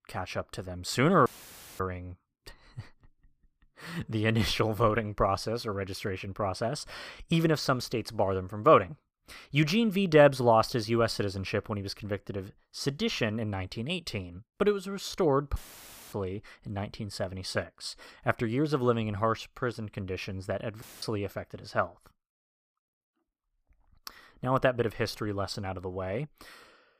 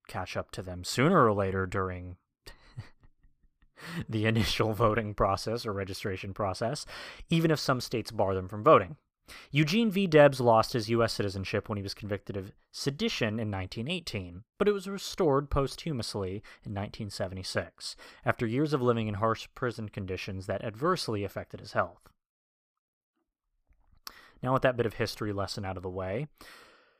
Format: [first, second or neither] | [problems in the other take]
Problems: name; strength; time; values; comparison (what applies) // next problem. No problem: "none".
second | audio cutting out; filled with static; at 1.5 s for 0.5 s, at 16 s for 0.5 s and at 21 s